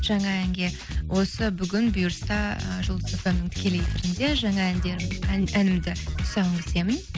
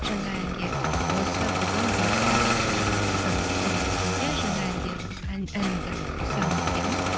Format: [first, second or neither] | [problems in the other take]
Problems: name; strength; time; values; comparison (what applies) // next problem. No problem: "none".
first | background sound (Engine starting); 5 dB above the speech